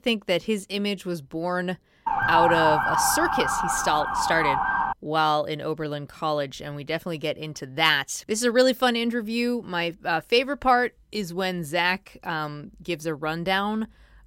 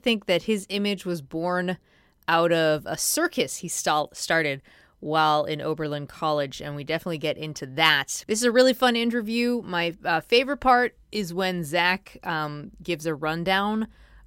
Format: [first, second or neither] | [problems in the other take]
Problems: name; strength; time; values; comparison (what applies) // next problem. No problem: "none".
second | siren; loud; from 2 to 5 s; peak 5 dB above the speech